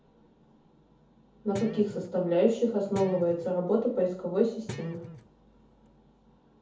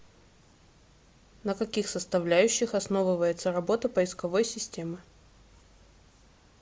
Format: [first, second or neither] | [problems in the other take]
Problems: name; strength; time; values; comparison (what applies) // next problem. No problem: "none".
second | background sound (Guitar); 14 dB below the speech // room echo; dies away in 0.5 s